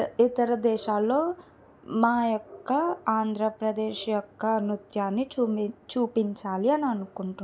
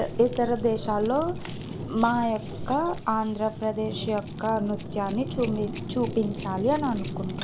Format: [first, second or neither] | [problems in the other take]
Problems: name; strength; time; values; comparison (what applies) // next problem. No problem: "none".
first | background sound (Keys jangling + Fire); 8 dB below the speech